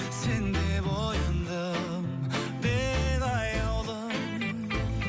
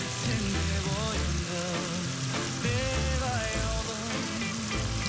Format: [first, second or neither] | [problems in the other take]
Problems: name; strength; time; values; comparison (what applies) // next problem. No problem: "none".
first | background sound (Fill (with liquid) / Trickle, dribble / Sink (filling or washing)); 5 dB below the speech